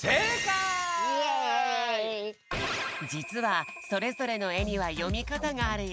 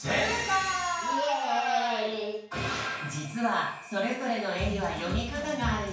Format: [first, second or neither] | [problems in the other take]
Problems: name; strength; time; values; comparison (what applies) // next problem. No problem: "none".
first | room echo; dies away in 0.5 s